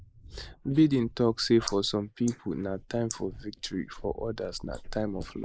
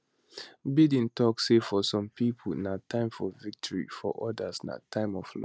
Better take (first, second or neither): second